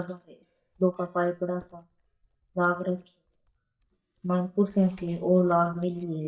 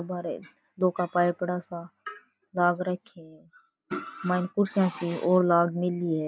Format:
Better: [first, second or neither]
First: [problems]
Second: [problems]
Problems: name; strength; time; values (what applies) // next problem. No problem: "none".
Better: second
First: noise reduction (neural mask model DeepFilterNet 3)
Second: none